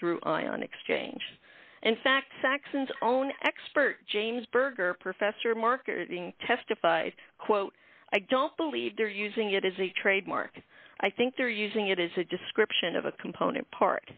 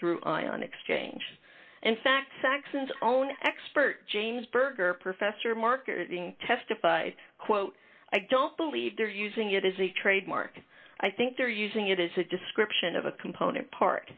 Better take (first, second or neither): first